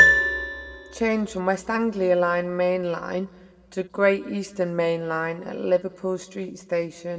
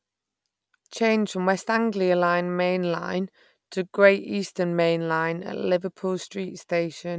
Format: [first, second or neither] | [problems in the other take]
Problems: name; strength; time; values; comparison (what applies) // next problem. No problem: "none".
second | background sound (Piano); 3 dB below the speech // room echo; dies away in 1 s